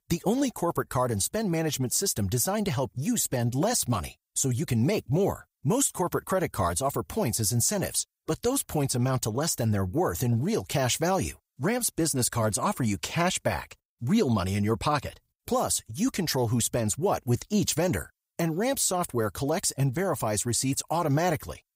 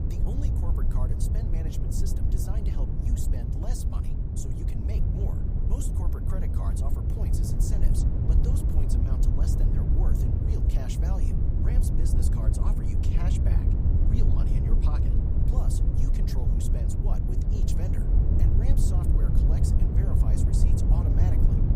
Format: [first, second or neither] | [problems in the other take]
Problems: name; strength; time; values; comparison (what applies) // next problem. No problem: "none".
first | wind noise on the microphone; heavy; 4 dB above the speech